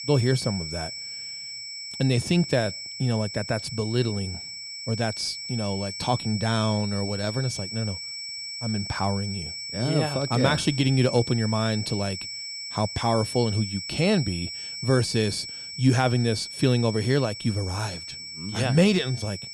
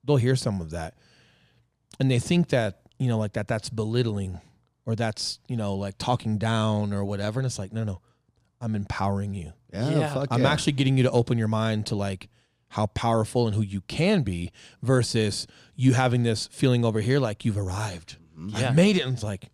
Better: second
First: high-pitched whine; loud; throughout; 5.5 kHz, 8 dB below the speech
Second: none

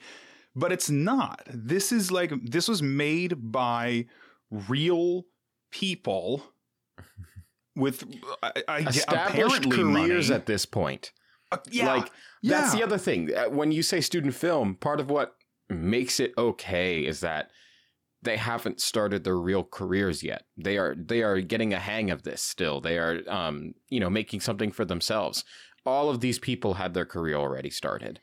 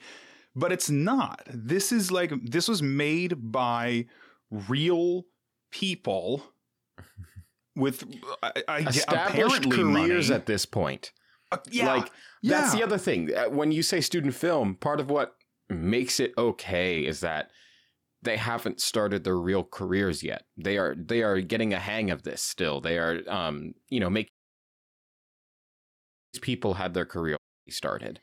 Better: first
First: none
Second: audio cutting out; at 24 s for 2 s and at 27 s

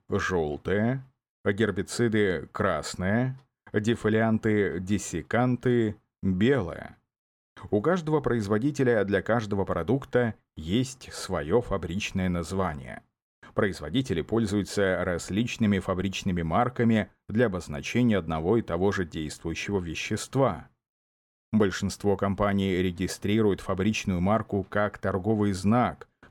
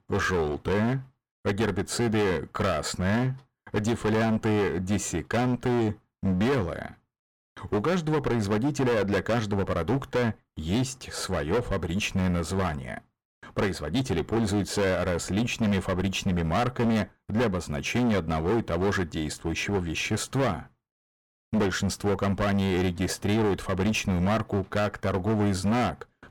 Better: first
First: none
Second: distortion; heavy; 18% of the sound clipped

